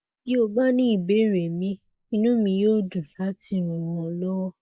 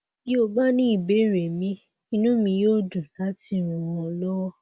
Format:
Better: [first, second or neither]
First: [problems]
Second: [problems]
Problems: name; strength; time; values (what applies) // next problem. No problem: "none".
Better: second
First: noise reduction (neural mask model Resemble Enhance denoiser)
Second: none